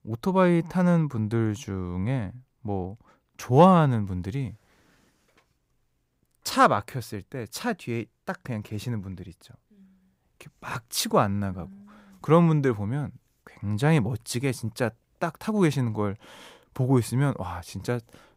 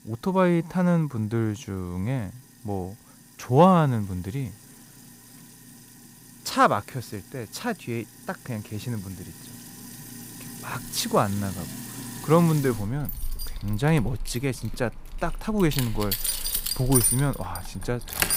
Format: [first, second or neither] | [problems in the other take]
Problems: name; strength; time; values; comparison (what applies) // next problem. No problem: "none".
first | household noises; loud; throughout; 6 dB below the speech